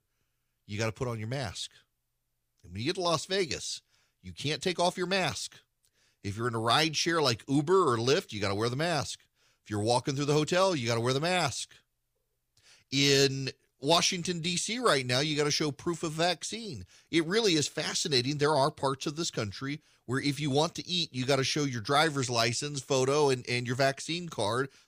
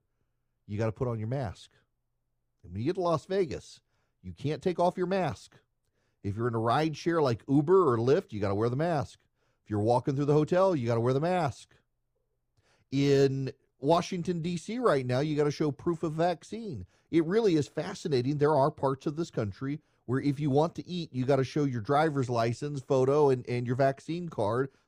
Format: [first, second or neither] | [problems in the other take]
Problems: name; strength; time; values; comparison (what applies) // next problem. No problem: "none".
first | muffled; very; fading above 1.5 kHz